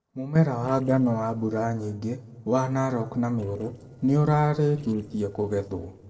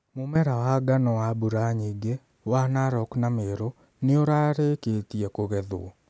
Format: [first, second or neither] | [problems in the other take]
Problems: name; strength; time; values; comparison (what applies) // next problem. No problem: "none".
second | noise reduction (neural separator model SepFormer DNS4)